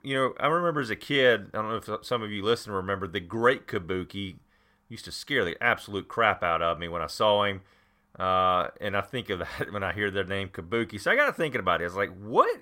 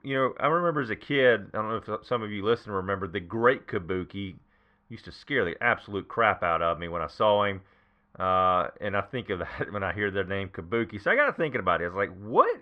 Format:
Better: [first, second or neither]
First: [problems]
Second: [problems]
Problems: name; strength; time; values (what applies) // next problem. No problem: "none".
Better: first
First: none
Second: muffled; slightly; fading above 2.5 kHz